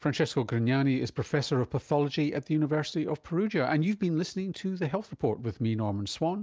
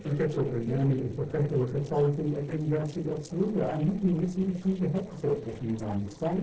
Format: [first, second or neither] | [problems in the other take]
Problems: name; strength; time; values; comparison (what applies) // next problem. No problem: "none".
first | noise reduction (neural separator model SepFormer DNS4)